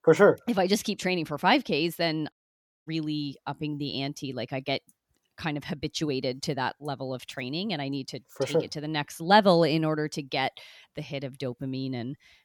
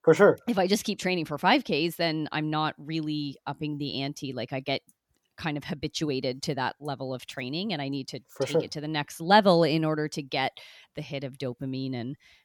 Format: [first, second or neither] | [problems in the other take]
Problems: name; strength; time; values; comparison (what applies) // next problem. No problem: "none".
second | audio cutting out; at 2.5 s for 0.5 s